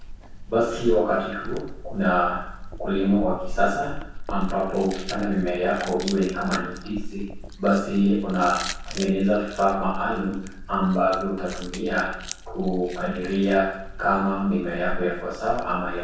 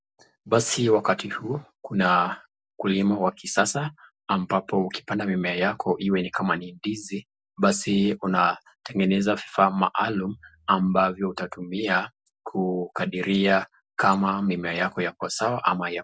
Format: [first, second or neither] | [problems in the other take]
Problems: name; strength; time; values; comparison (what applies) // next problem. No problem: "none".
second | background sound (Chewing, mastication); 8 dB below the speech // room echo; dies away in 0.7 s